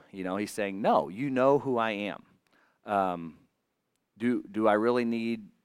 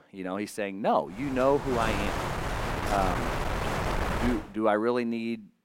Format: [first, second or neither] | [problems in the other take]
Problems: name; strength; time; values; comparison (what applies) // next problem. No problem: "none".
first | wind noise on the microphone; heavy; from 1 to 4.5 s; 3 dB below the speech